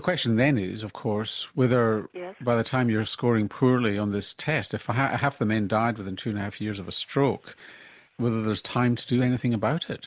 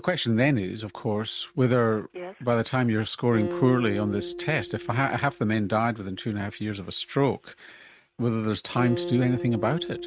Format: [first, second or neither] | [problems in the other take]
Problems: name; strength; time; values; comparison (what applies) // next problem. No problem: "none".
first | noise reduction (neural mask model RNNoise)